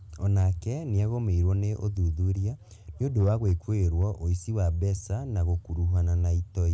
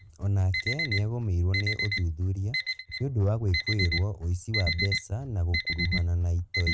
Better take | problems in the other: first | noise reduction (neural mask model RNNoise)

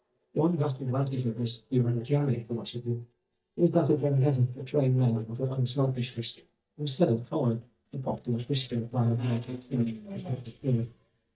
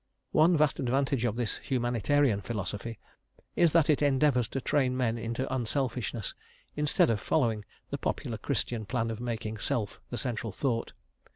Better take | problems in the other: second | noise reduction (neural mask model DeepFilterNet 3)

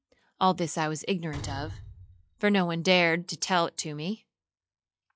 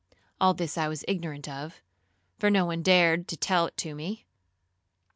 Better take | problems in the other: second | noise reduction (classical method log-MMSE)

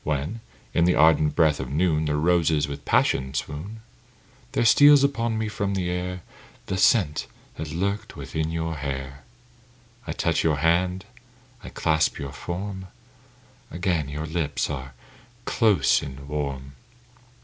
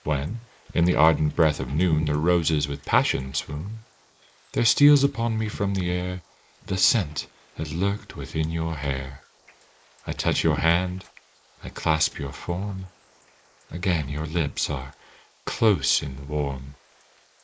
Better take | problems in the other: first | noise reduction (neural mask model Resemble Enhance denoiser)

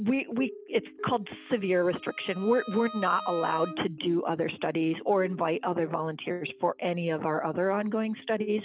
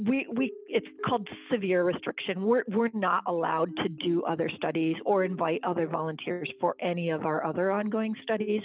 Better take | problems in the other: second | background sound (Bowed string instrument); 15 dB below the speech

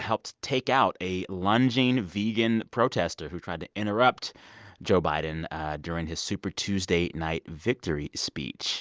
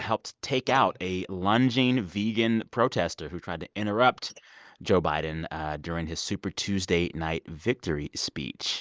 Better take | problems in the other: first | noise reduction (neural mask model Resemble Enhance denoiser)

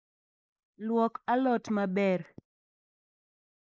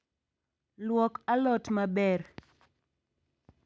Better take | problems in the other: second | noise reduction (neural mask model Resemble Enhance denoiser)

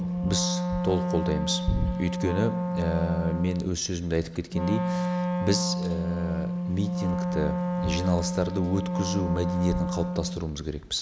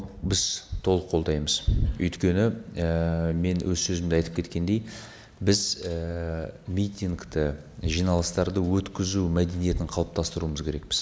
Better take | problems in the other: second | background sound (Wind instrument, woodwind instrument); as loud as the speech

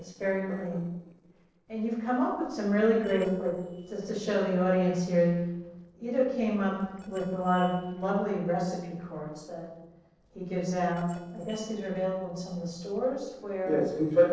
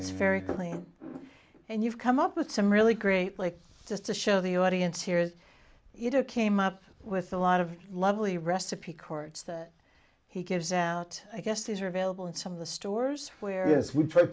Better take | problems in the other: second | noise reduction (neural separator model SepFormer DNS4)

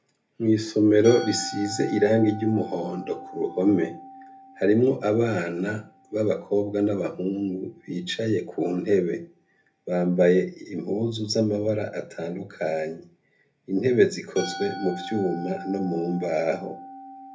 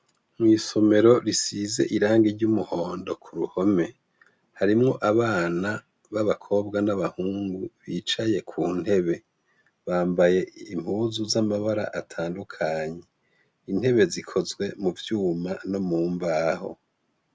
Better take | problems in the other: second | background sound (Musical instrument); 17 dB below the speech // room echo; dies away in 0.3 s

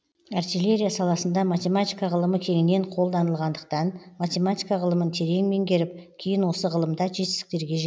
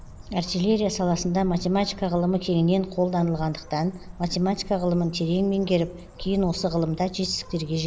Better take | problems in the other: first | background sound (Bird); 16 dB below the speech

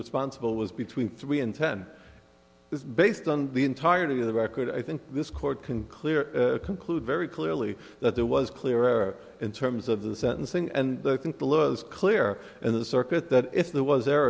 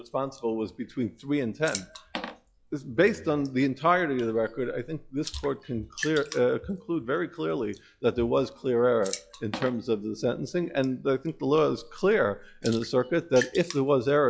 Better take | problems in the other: first | noise reduction (classical method log-MMSE)

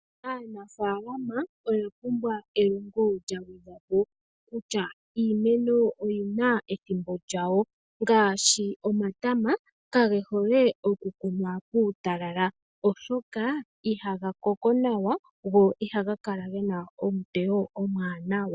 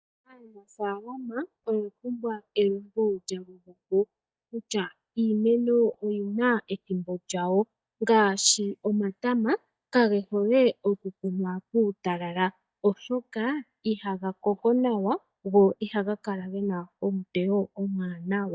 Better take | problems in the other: first | noise reduction (neural mask model DeepFilterNet 3)

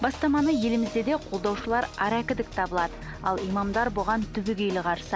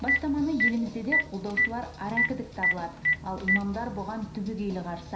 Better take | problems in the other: first | background sound (Telephone); 1 dB above the speech // room echo; dies away in 0.5 s

